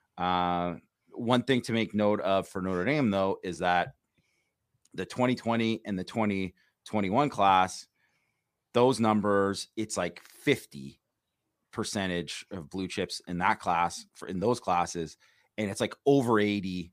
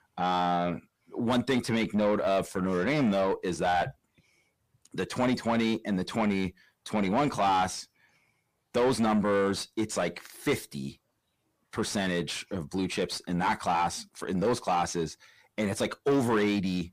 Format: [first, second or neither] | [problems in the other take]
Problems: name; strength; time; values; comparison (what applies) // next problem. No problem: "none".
first | distortion; heavy; 7 dB below the speech